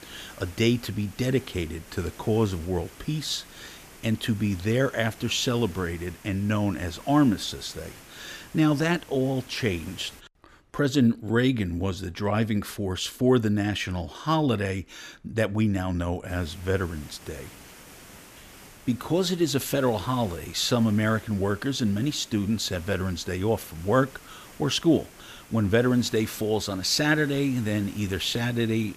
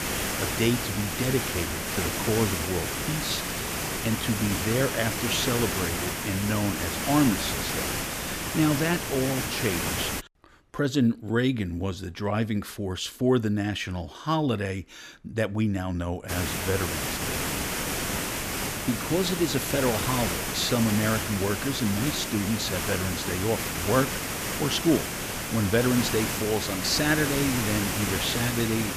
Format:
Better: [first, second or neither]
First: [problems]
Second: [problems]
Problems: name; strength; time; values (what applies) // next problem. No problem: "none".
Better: first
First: hiss; faint; until 10 s and from 16 s on; 20 dB below the speech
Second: hiss; loud; until 10 s and from 16 s on; 1 dB below the speech